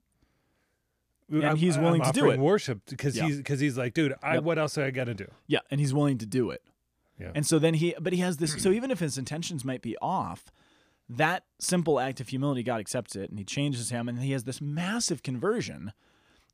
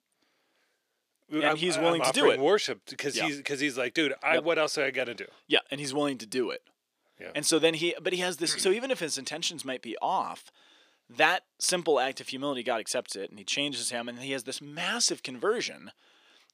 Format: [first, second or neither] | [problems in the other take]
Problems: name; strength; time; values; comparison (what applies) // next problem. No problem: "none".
first | thin; somewhat; fading below 400 Hz